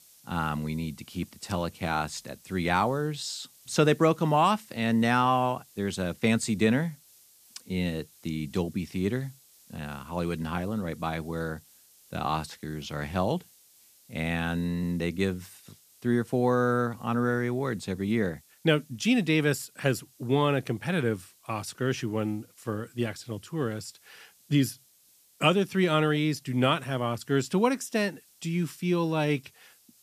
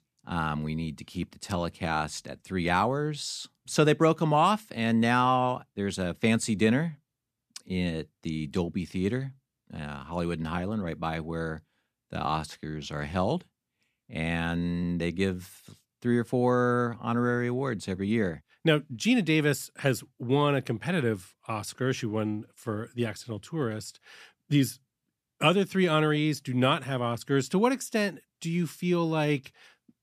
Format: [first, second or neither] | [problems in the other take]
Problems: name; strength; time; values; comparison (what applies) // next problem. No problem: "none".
second | hiss; faint; throughout; 25 dB below the speech